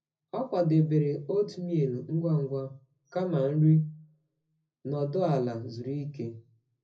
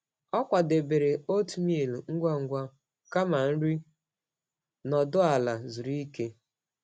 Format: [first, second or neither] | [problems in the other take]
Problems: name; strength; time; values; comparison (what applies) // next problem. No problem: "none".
second | room echo; dies away in 0.4 s